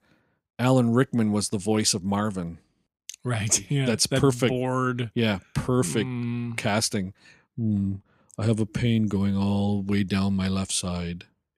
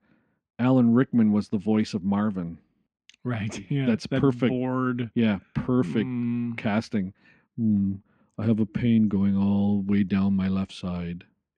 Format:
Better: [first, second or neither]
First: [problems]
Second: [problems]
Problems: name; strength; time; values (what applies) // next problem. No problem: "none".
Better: first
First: none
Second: muffled; slightly; fading above 2.5 kHz